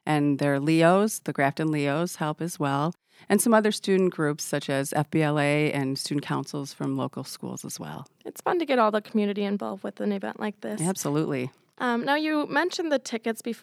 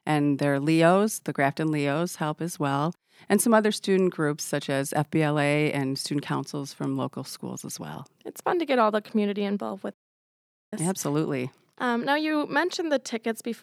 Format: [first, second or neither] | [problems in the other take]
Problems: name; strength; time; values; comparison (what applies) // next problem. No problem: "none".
first | audio cutting out; at 10 s for 1 s